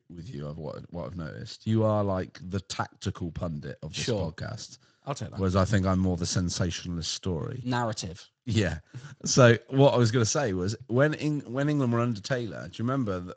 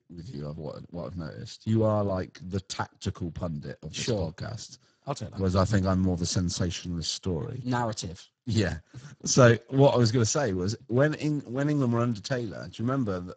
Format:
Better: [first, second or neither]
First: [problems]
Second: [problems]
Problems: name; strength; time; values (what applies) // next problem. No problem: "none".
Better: first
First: garbled, watery; slightly; nothing above 7.5 kHz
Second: garbled, watery; badly; nothing above 7.5 kHz